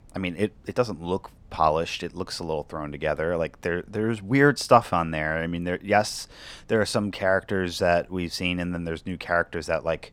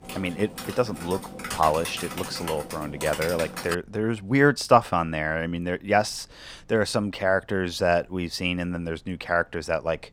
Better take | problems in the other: first | keyboard typing; noticeable; until 4 s; peak 6 dB below the speech

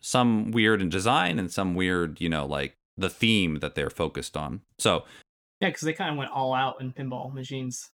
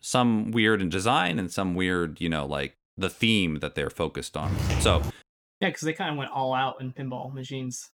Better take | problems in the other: first | footsteps; loud; at 4.5 s; peak 1 dB above the speech

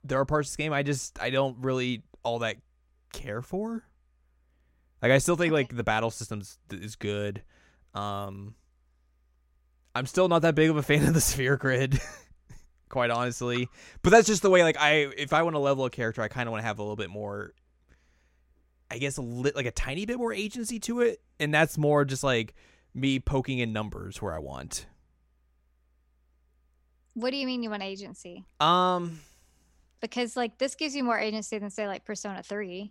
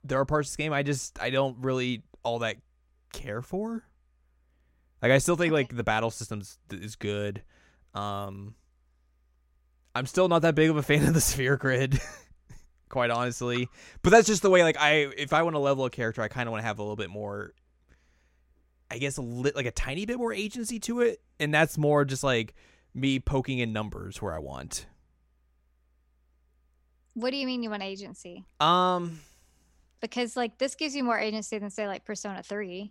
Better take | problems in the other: neither | none

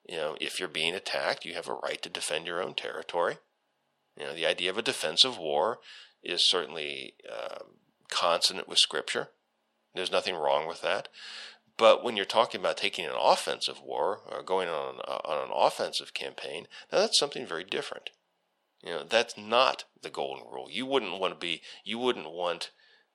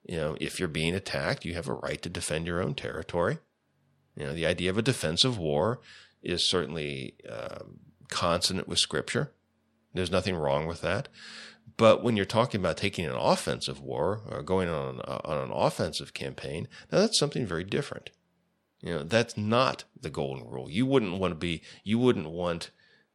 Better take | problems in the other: second | thin; somewhat; fading below 400 Hz

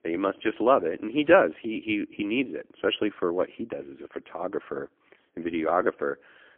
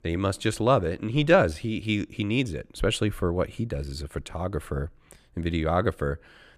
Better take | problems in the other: second | phone-call audio; poor line; nothing above 3 kHz

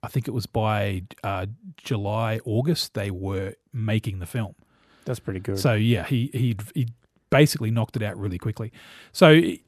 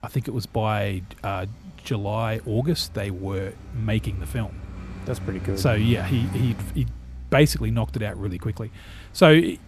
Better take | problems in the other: first | traffic noise; noticeable; throughout; 10 dB below the speech

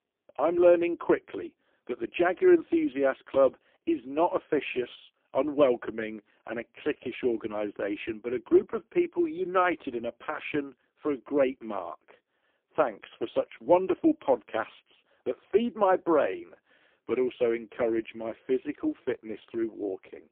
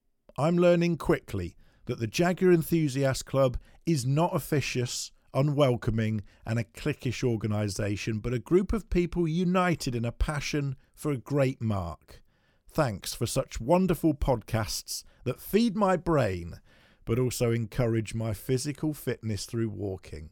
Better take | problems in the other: second | phone-call audio; poor line; nothing above 3 kHz

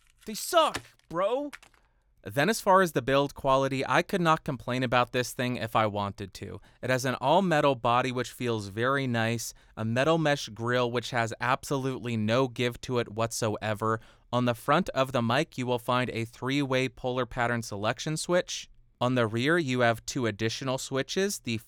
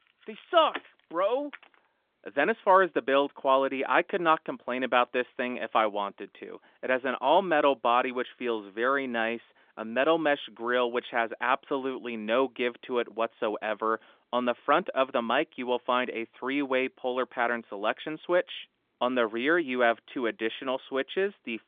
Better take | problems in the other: first | phone-call audio; nothing above 3.5 kHz

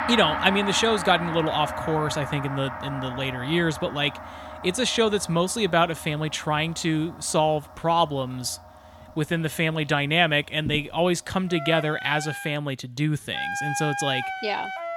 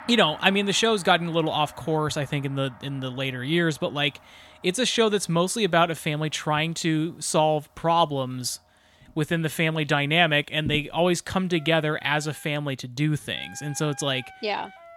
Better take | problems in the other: second | background music; loud; throughout; 8 dB below the speech; faint in the second

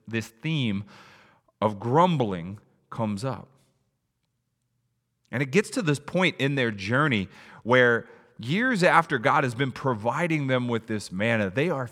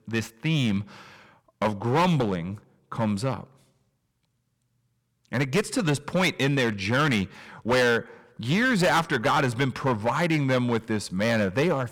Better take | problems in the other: first | distortion; heavy; 8% of the sound clipped

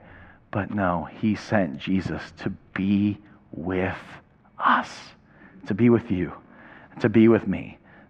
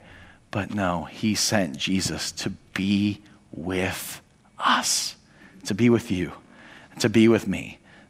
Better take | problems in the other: second | muffled; very; fading above 1.5 kHz

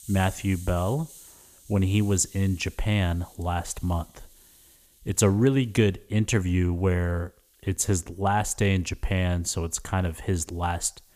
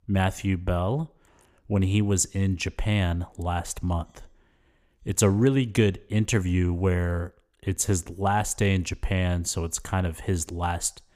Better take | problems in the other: second | hiss; faint; throughout; 25 dB below the speech

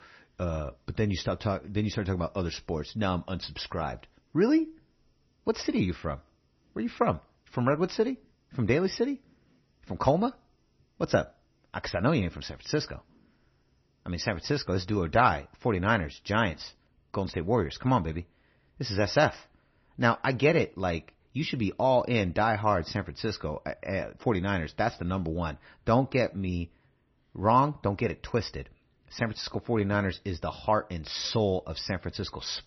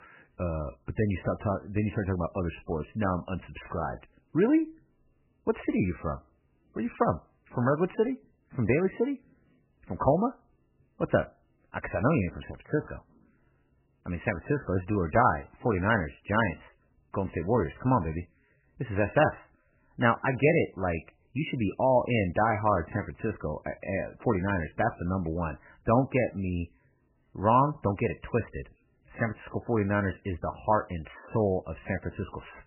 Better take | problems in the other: first | garbled, watery; badly; nothing above 3 kHz; slightly in the first

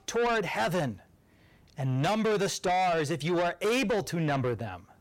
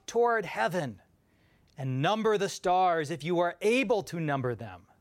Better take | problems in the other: second | distortion; heavy; 7 dB below the speech

